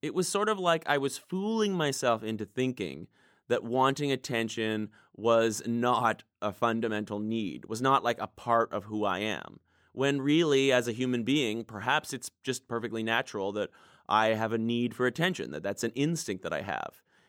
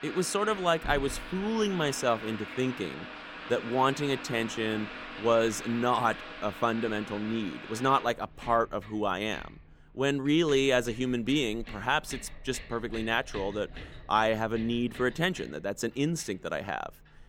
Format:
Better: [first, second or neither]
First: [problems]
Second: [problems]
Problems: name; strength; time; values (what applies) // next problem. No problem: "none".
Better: first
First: none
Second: household noises; noticeable; throughout; 15 dB below the speech